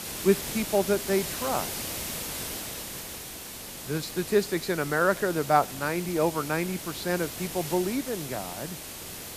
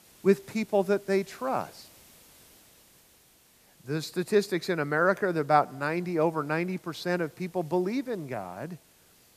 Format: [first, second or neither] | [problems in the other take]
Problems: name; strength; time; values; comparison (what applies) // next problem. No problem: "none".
second | hiss; loud; throughout; 7 dB below the speech; faint in the second